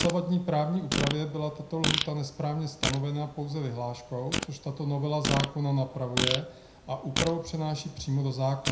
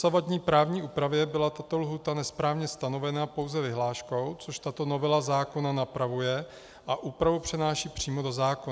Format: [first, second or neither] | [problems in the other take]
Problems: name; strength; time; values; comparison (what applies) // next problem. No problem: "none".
second | background sound (Fart); 4 dB below the speech // room echo; dies away in 0.4 s